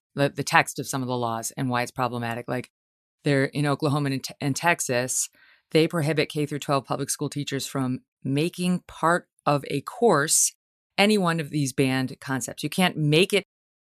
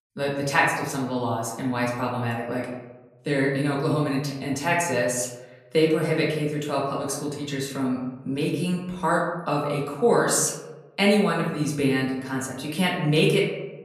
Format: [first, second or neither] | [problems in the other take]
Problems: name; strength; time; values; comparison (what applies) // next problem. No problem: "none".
first | room echo; noticeable; dies away in 0.9 s // off-mic speech; far